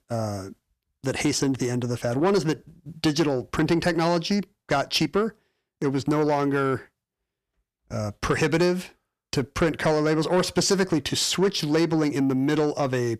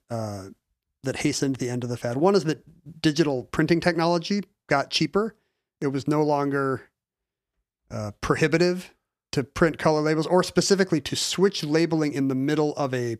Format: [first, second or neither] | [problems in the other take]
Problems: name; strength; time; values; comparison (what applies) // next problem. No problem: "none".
second | distortion; slight; 10 dB below the speech